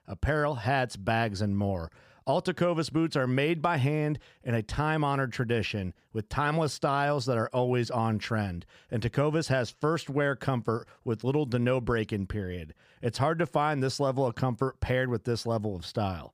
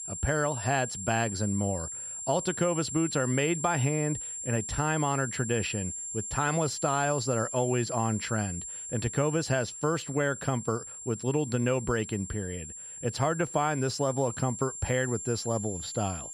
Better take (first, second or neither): first